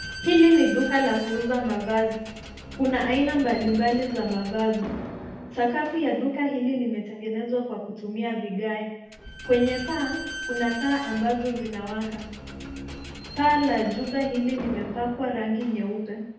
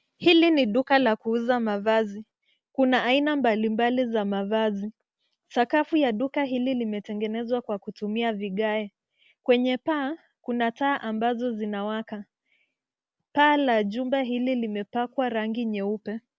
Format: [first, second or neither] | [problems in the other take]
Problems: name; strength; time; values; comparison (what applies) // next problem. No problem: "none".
second | background sound (Squeak / Slam); 13 dB below the speech // room echo; dies away in 0.8 s